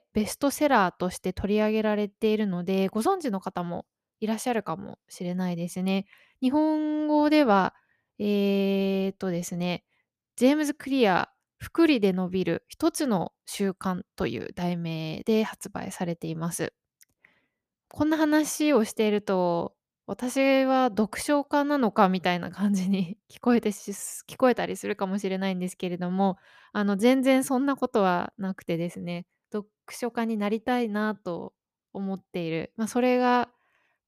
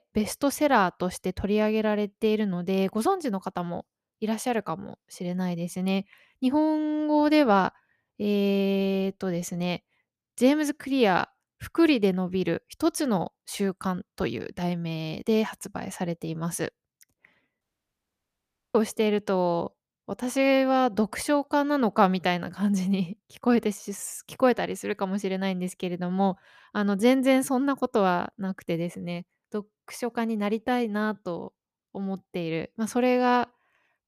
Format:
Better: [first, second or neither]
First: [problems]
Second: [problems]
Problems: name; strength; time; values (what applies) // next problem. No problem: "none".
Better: first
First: none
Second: audio cutting out; at 18 s for 1 s